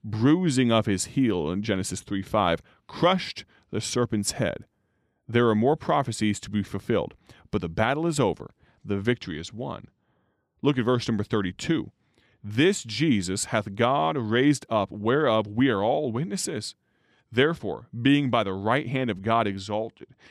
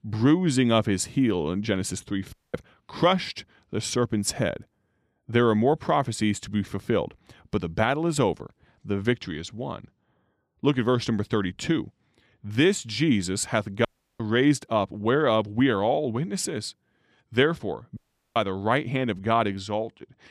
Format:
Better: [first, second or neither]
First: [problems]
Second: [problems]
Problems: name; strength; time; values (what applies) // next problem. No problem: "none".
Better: first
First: none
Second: audio cutting out; at 2.5 s, at 14 s and at 18 s